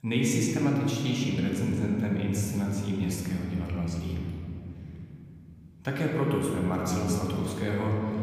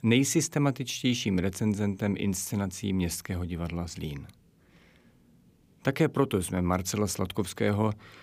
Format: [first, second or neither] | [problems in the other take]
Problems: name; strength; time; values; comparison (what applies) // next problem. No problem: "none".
second | room echo; noticeable; dies away in 3 s // off-mic speech; somewhat distant